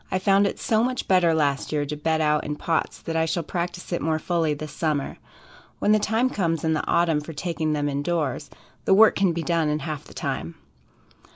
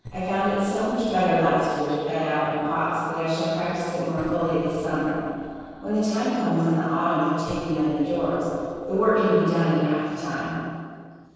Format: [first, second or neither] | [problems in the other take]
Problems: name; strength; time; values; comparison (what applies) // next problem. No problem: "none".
first | noise reduction (neural separator model SepFormer DNS4)